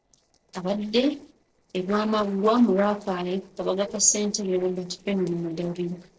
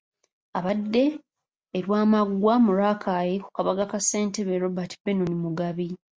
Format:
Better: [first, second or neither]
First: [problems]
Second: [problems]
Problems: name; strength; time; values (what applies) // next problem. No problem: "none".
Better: second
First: noise reduction (neural separator model SepFormer DNS4)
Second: none